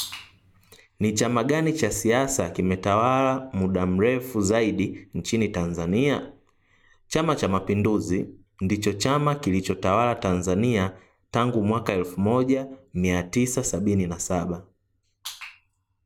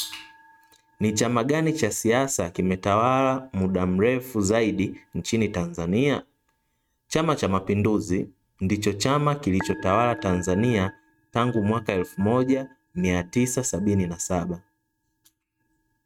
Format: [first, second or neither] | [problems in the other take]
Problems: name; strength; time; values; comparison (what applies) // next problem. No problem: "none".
first | noise reduction (neural mask model RNNoise)